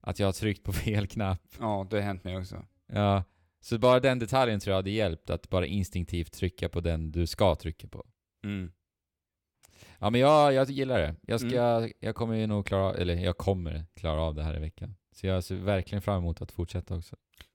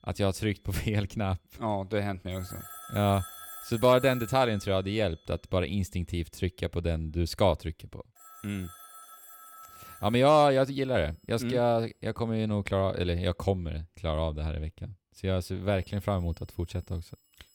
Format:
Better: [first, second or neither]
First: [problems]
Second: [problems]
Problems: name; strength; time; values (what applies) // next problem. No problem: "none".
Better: first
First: none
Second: alarms or sirens; noticeable; throughout; 15 dB below the speech